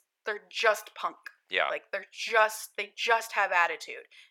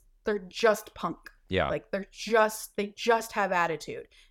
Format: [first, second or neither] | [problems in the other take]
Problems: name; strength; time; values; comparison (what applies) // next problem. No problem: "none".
second | thin; very; fading below 700 Hz